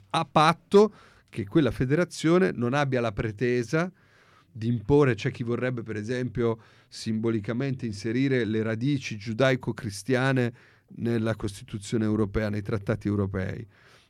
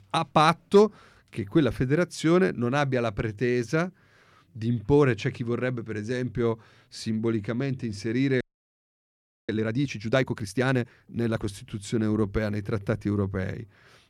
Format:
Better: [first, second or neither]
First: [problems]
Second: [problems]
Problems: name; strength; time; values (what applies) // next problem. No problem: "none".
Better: first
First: none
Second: audio freezing; at 8.5 s for 1 s